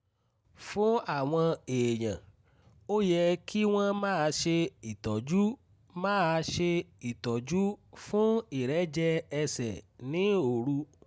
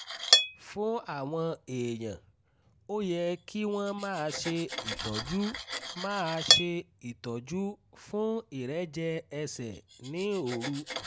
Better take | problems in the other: first | background sound (Cutlery, silverware); as loud as the speech

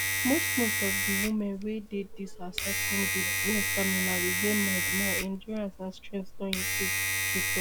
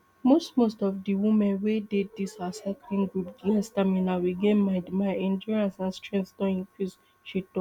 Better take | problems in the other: second | background sound (Domestic sounds, home sounds); 3 dB above the speech

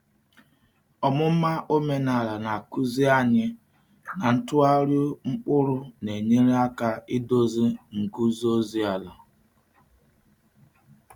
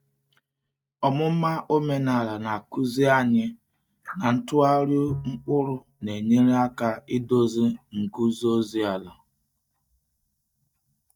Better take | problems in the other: first | noise reduction (neural mask model DeepFilterNet 3)

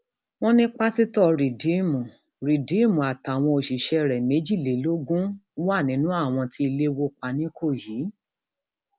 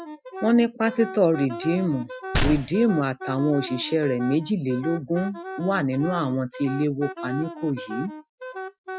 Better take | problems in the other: first | noise reduction (classical method Wiener filter)

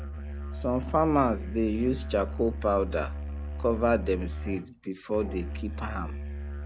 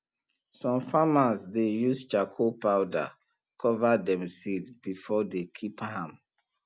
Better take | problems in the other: second | background sound (Musical instrument); 6 dB below the speech

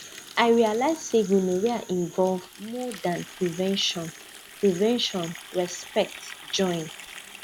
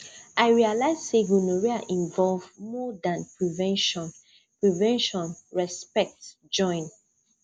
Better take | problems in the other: second | background sound (Water tap, faucet); 17 dB below the speech

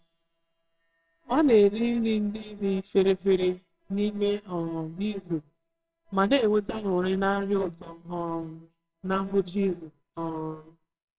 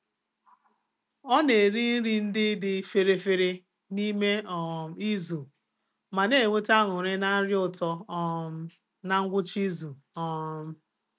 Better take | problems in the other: second | noise reduction (neural separator model SepFormer WHAMR!)

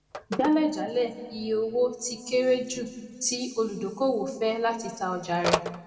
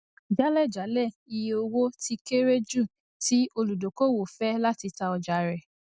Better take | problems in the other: second | background sound (Telephone); 10 dB below the speech // room echo; dies away in 1.5 s

